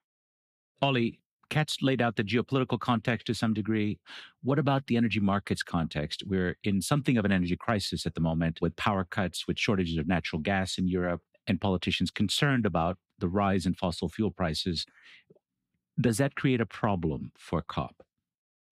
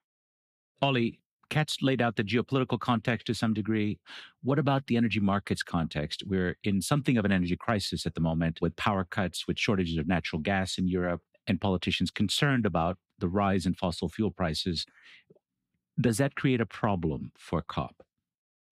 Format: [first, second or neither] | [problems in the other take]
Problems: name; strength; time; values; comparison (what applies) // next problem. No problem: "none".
neither | none